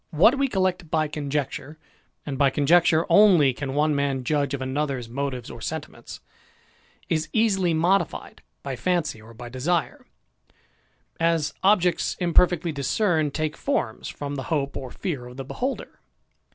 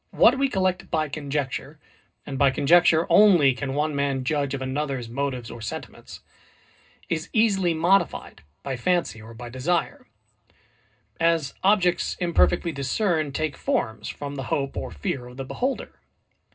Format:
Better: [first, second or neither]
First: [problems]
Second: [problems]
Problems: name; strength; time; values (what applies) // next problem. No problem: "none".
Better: first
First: none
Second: room echo; dies away in 0.2 s